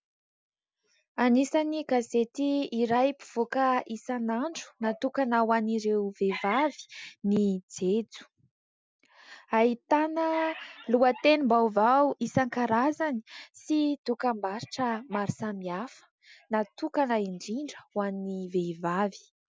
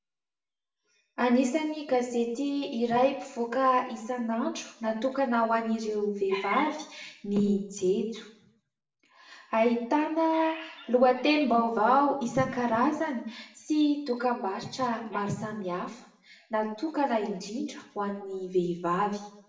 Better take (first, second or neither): first